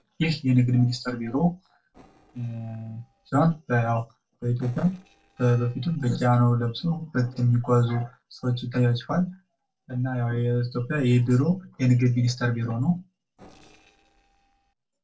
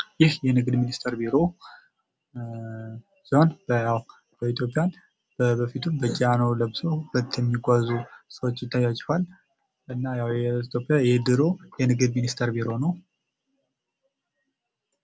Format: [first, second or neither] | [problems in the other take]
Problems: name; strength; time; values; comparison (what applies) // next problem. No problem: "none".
second | noise reduction (neural separator model SepFormer DNS4)